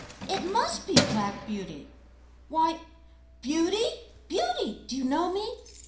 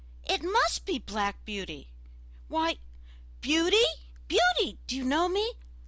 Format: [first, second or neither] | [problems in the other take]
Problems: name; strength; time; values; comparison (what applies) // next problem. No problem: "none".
second | background sound (Keys jangling); 5 dB below the speech // room echo; dies away in 0.5 s